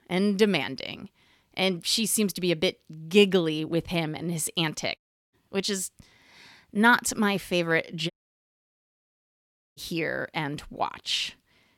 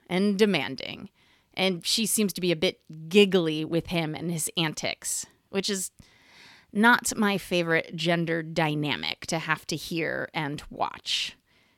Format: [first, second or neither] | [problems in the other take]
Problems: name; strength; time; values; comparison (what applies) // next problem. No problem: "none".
second | audio cutting out; at 5 s and at 8 s for 1.5 s